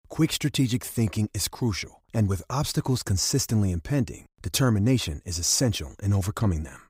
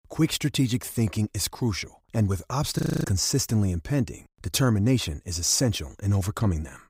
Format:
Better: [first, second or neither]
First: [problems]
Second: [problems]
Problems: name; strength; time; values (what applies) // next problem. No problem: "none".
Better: first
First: none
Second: audio freezing; at 3 s